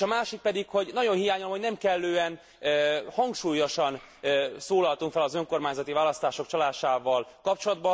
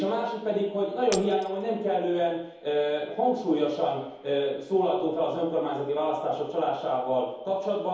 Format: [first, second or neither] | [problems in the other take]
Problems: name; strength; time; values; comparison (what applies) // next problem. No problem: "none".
first | background sound (Shatter); 16 dB below the speech // room echo; dies away in 2.2 s